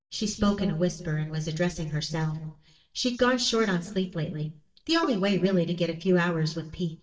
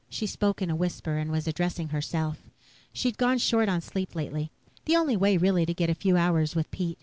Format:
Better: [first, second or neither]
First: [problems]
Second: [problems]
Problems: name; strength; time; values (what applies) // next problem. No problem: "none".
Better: second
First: noise reduction (neural mask model DeepFilterNet 3)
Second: none